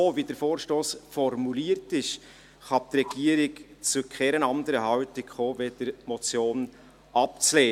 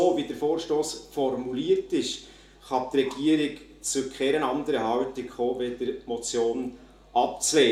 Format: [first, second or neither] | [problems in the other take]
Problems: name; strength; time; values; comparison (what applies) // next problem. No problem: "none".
first | room echo; dies away in 0.4 s